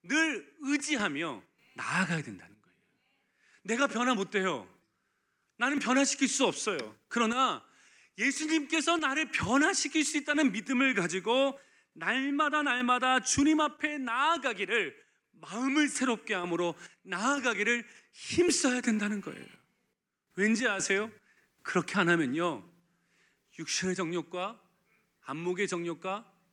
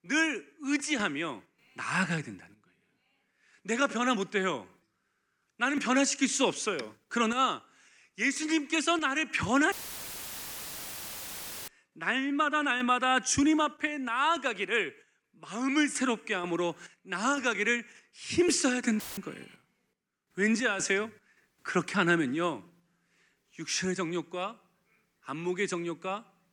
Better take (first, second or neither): first